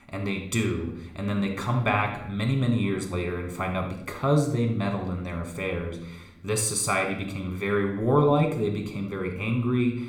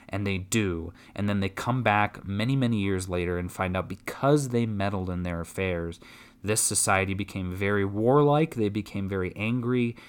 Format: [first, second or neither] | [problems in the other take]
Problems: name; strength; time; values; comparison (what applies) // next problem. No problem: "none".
second | off-mic speech; somewhat distant // room echo; slight; dies away in 0.7 s